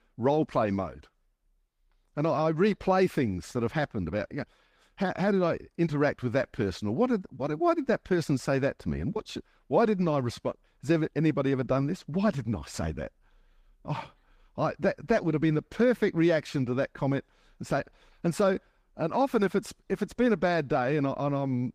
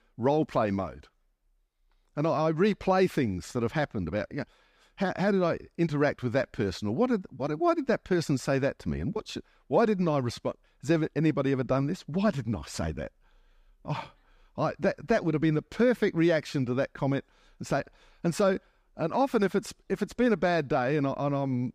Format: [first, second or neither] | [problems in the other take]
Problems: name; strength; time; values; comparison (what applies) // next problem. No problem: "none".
second | garbled, watery; slightly; nothing above 15 kHz